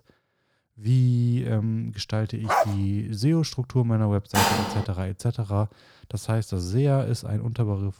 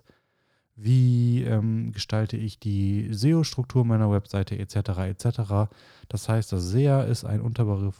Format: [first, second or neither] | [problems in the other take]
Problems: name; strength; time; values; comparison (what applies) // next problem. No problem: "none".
second | dog barking; loud; at 2.5 s; peak 2 dB above the speech // clattering dishes; loud; at 4.5 s; peak 4 dB above the speech